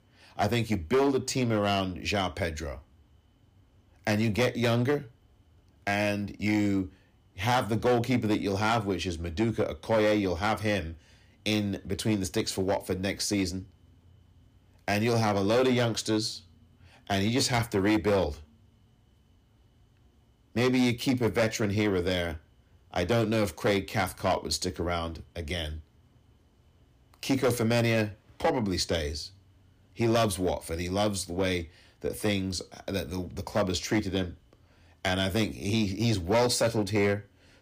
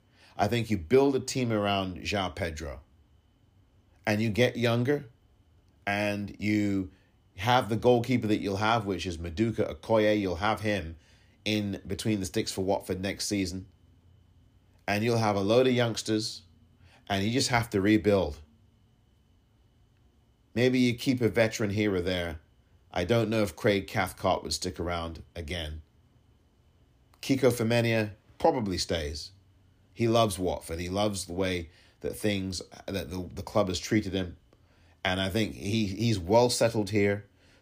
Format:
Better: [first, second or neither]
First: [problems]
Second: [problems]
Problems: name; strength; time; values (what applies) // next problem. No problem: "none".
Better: second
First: distortion; slight; 5% of the sound clipped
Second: none